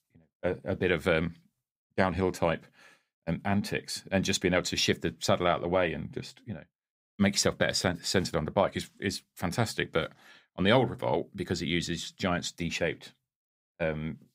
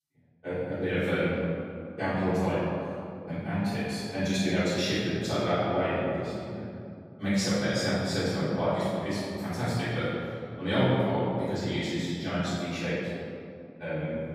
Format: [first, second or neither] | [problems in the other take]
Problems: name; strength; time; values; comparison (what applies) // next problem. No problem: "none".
first | off-mic speech; far // room echo; strong; dies away in 2.5 s